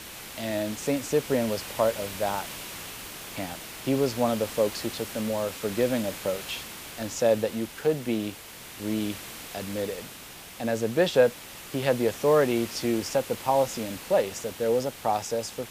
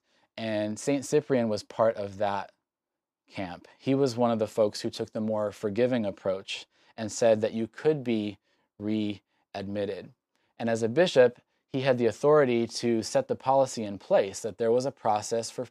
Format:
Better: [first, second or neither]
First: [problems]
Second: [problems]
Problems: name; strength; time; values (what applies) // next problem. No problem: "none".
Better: second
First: hiss; noticeable; throughout; 10 dB below the speech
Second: none